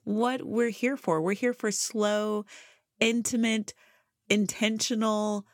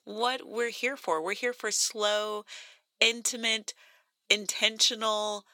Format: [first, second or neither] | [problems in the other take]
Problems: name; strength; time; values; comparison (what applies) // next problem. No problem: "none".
first | thin; somewhat; fading below 550 Hz